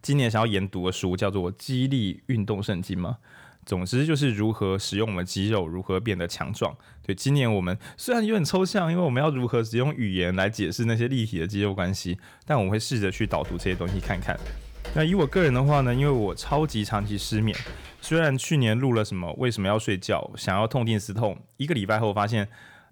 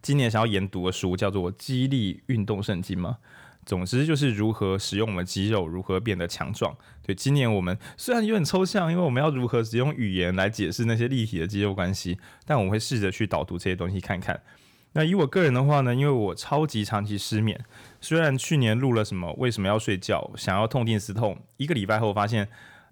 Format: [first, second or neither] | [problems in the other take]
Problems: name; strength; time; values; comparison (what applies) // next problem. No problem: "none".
second | keyboard typing; faint; from 13 to 18 s; peak 10 dB below the speech